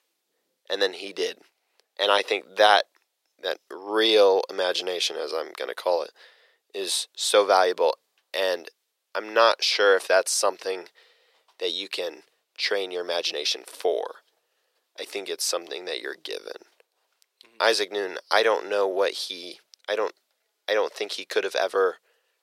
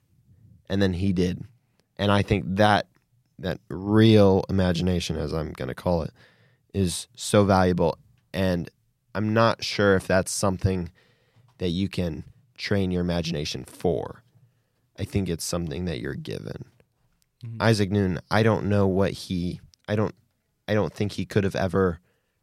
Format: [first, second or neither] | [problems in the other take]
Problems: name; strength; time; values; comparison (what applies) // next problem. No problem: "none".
second | thin; very; fading below 400 Hz